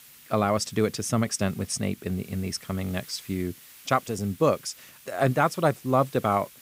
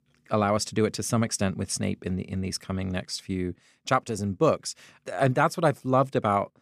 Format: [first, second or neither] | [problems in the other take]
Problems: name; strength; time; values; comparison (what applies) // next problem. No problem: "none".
second | hiss; faint; throughout; 20 dB below the speech